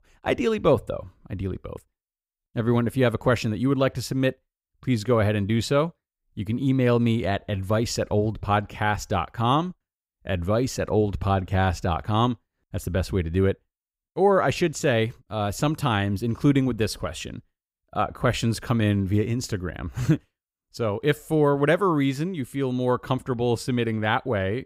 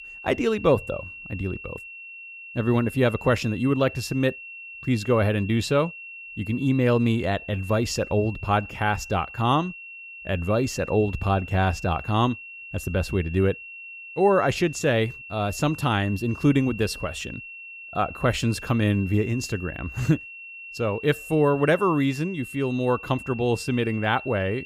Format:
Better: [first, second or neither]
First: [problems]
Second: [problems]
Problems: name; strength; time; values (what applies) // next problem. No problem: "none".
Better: first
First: none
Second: high-pitched whine; noticeable; throughout; 2.5 kHz, 15 dB below the speech